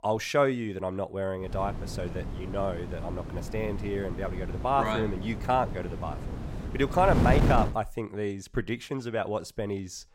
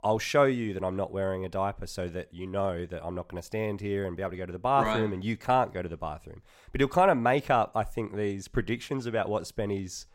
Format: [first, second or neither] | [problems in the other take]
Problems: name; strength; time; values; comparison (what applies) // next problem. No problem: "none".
second | wind noise on the microphone; heavy; from 1.5 to 7.5 s; 9 dB below the speech